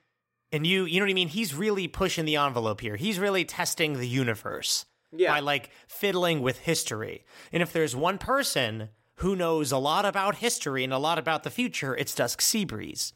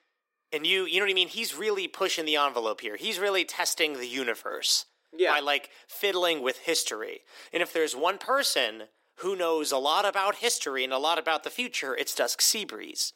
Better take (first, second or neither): first